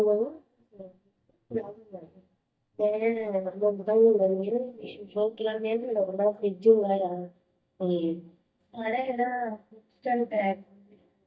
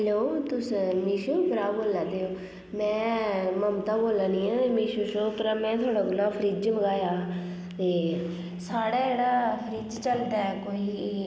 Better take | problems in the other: second | noise reduction (neural mask model DeepFilterNet 3)

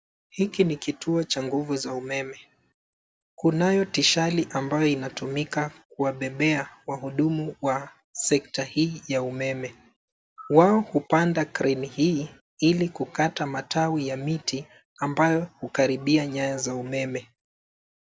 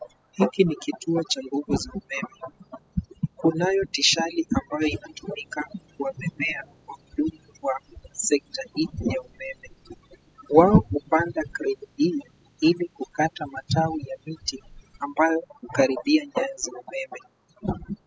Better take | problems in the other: first | noise reduction (classical method spectral subtraction)

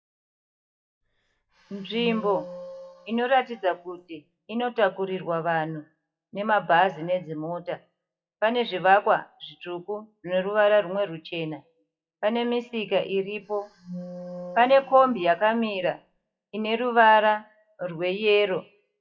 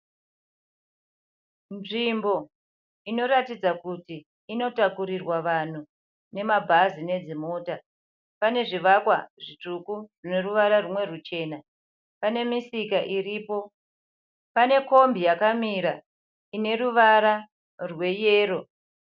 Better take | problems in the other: second | noise reduction (classical method WPE with log-MMSE)

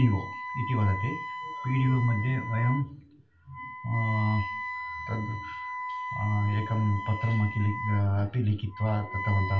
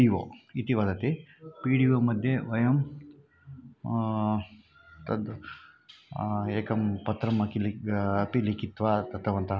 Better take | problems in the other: second | background sound (Wind instrument, woodwind instrument); 8 dB below the speech // room echo; dies away in 0.2 s

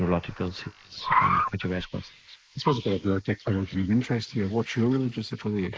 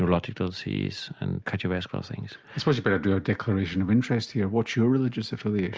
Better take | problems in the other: second | noise reduction (neural mask model Resemble Enhance denoiser)

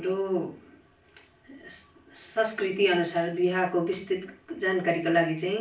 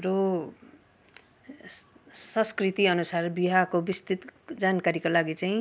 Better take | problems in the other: second | room echo; dies away in 0.3 s

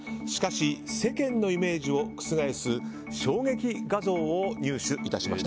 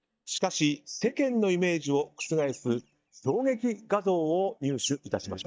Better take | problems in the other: first | noise reduction (neural mask model DeepFilterNet 3)

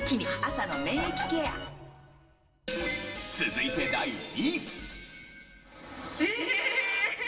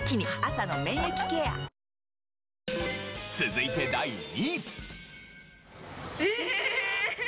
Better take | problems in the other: second | room echo; dies away in 1.7 s

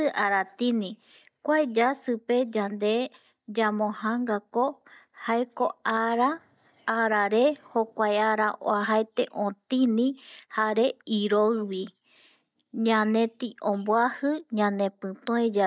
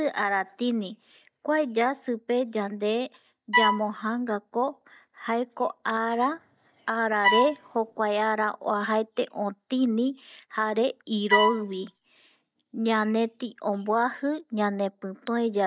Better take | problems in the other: first | background sound (Bowed string instrument); 1 dB above the speech

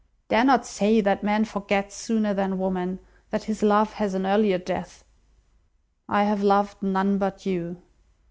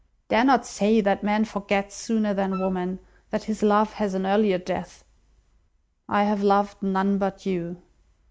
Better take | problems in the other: first | background sound (Wind instrument, woodwind instrument); 18 dB below the speech

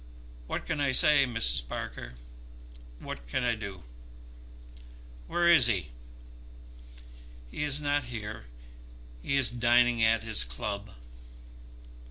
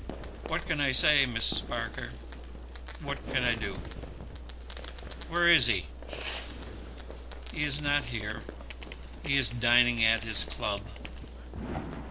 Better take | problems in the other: first | background sound (Fireworks); 10 dB below the speech

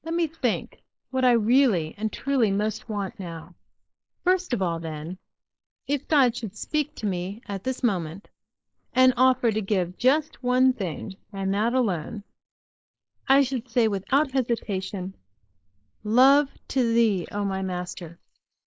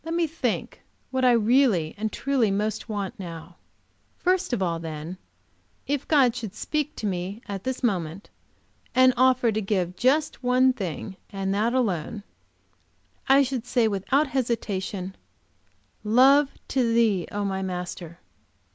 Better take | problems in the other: second | noise reduction (neural mask model Resemble Enhance denoiser)

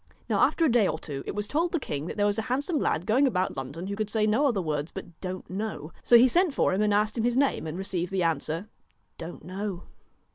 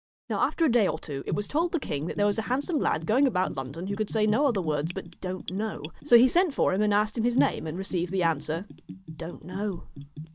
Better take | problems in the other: first | noise reduction (neural mask model DeepFilterNet 3)

